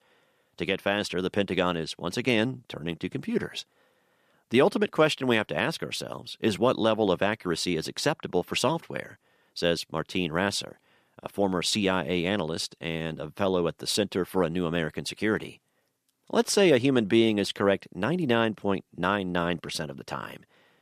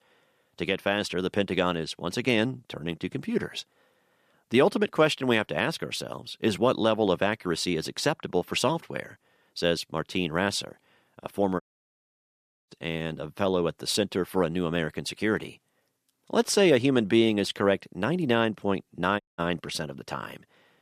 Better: first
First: none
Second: audio cutting out; at 12 s for 1 s and at 19 s

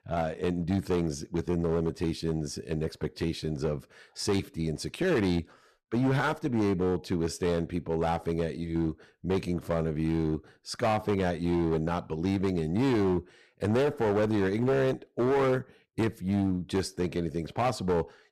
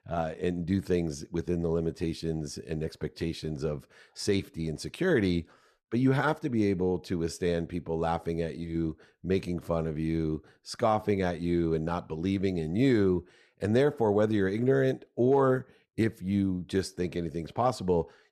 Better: second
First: distortion; slight; 12% of the sound clipped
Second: none

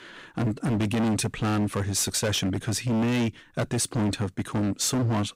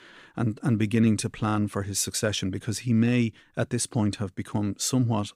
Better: second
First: distortion; heavy; 26% of the sound clipped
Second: none

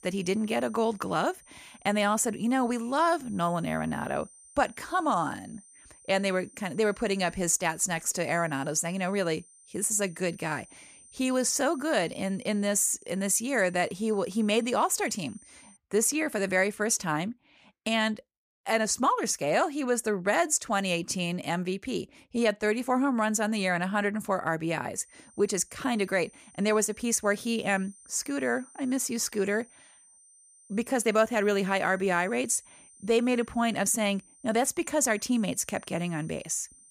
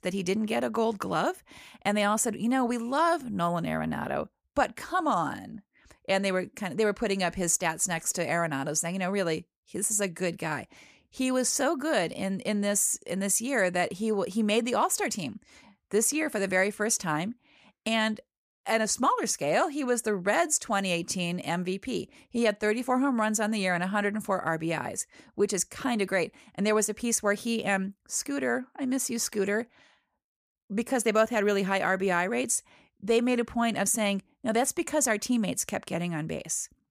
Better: second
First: high-pitched whine; faint; until 16 s and from 25 s on; 9 kHz, 25 dB below the speech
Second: none

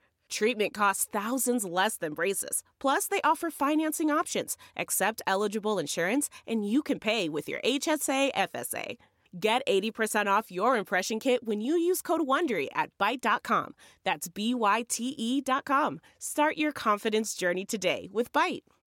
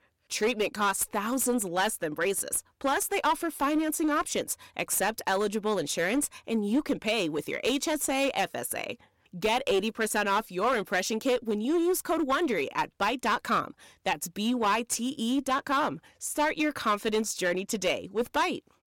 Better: first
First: none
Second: distortion; slight; 8% of the sound clipped

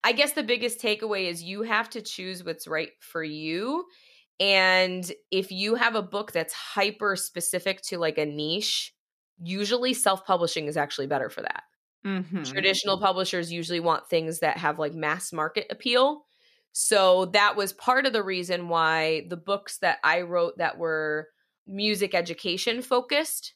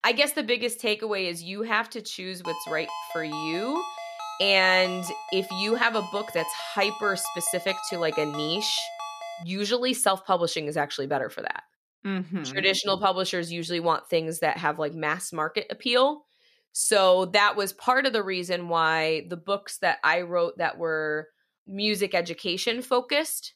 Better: first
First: none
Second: phone ringing; noticeable; from 2.5 to 9.5 s; peak 9 dB below the speech

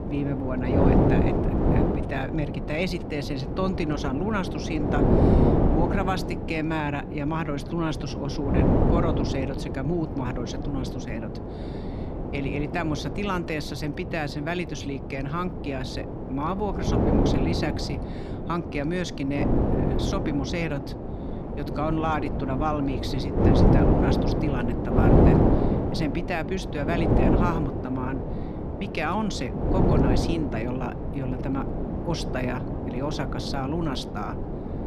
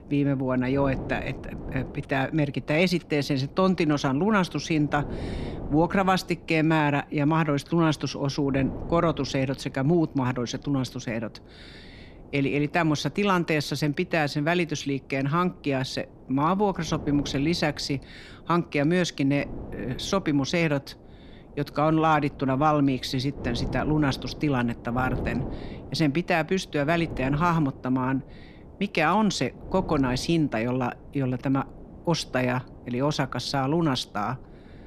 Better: second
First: wind noise on the microphone; heavy; 1 dB above the speech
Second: wind noise on the microphone; occasional gusts; 20 dB below the speech

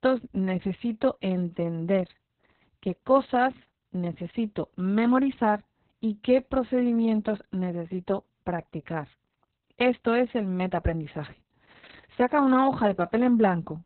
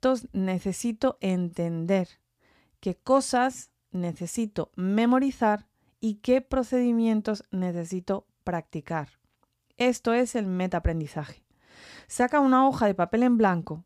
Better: second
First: garbled, watery; badly; nothing above 4 kHz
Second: none

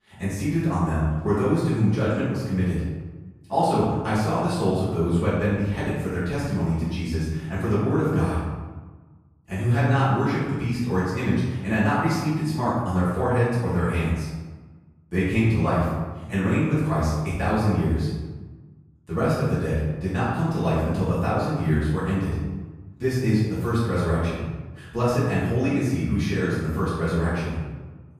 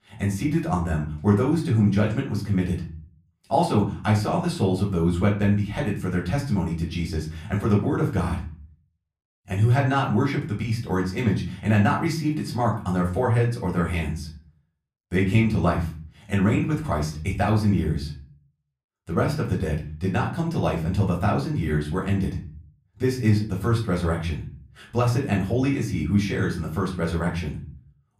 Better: second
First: room echo; strong; dies away in 1.1 s // off-mic speech; far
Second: room echo; slight; dies away in 0.4 s // off-mic speech; far

